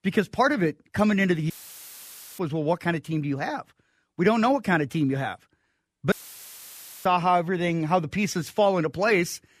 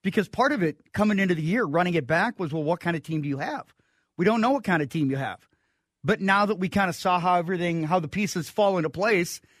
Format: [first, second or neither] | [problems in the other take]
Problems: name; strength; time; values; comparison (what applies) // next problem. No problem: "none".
second | audio cutting out; filled with static; at 1.5 s for 1 s and at 6 s for 1 s